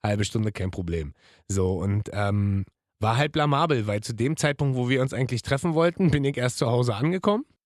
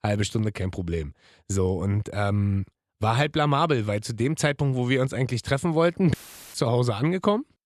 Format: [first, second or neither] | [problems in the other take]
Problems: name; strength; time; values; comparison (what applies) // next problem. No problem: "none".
first | audio cutting out; filled with static; at 6 s